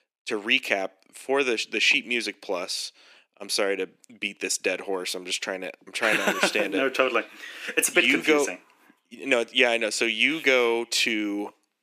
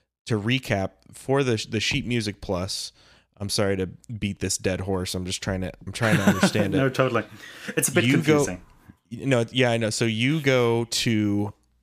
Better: second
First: thin; somewhat; fading below 300 Hz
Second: none

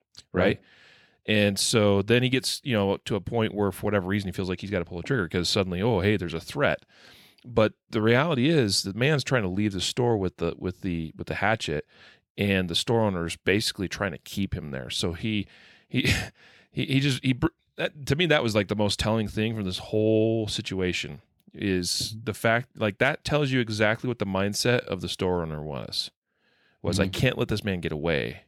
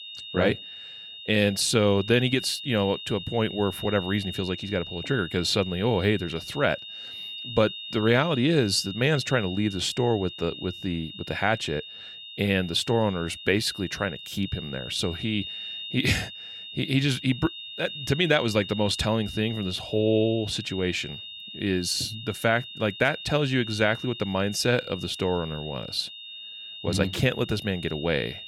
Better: first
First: none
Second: high-pitched whine; noticeable; throughout; 3.5 kHz, 10 dB below the speech

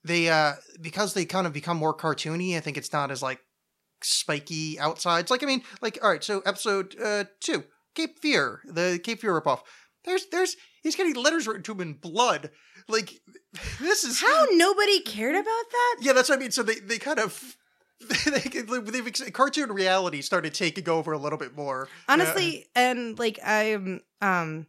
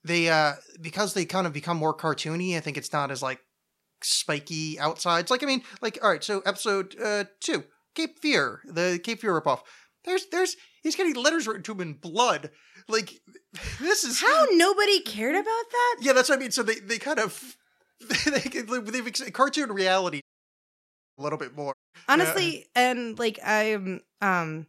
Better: first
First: none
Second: audio cutting out; at 20 s for 1 s and at 22 s

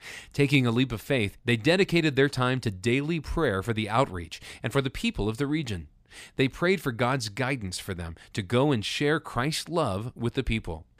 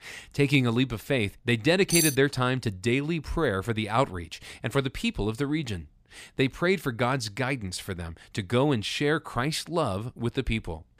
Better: first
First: none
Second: clattering dishes; loud; at 2 s; peak 2 dB above the speech

